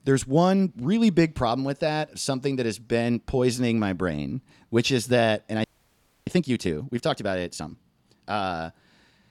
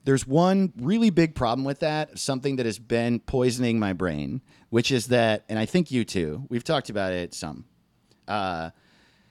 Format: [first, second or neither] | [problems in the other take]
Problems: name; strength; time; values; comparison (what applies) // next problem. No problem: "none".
second | audio freezing; at 5.5 s for 0.5 s